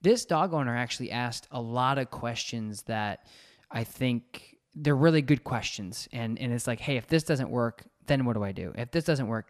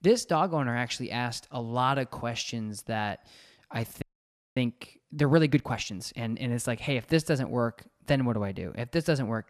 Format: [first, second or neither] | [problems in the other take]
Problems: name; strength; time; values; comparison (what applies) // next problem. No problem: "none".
first | audio freezing; at 4 s for 0.5 s